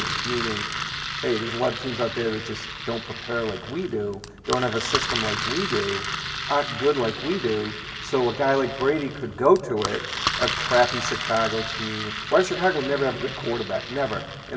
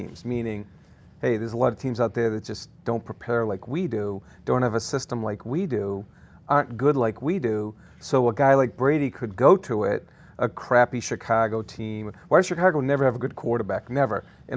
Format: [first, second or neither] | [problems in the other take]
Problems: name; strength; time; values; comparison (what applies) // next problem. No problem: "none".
second | background sound (Engine); 5 dB below the speech // room echo; dies away in 1.5 s